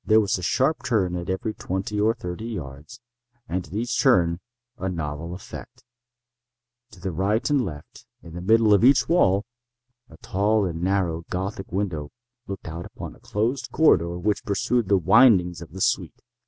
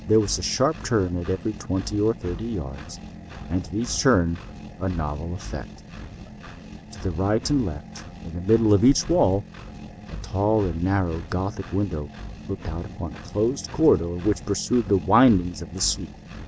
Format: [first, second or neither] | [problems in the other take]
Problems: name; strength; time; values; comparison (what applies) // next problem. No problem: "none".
first | background sound (Engine); 13 dB below the speech